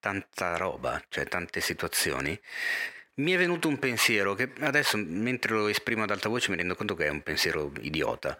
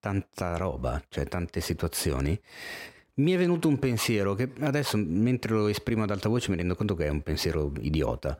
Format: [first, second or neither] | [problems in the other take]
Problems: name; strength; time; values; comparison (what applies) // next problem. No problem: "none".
second | thin; somewhat; fading below 550 Hz